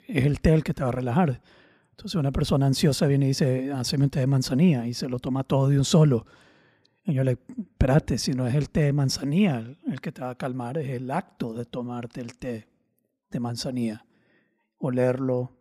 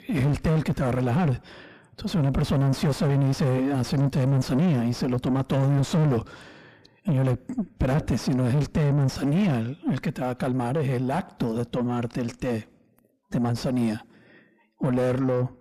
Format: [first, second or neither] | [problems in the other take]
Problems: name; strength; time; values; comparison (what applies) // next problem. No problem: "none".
first | distortion; heavy; 6 dB below the speech